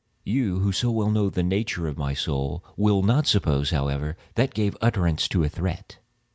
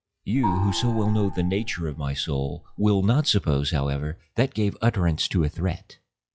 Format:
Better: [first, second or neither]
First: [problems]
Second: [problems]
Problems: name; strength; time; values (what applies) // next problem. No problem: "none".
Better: first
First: none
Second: noise reduction (classical method log-MMSE)